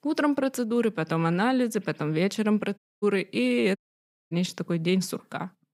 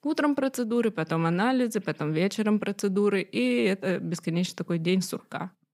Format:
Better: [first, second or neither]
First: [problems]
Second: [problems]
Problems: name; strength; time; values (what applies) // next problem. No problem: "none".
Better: second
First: audio cutting out; at 3 s and at 4 s for 0.5 s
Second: none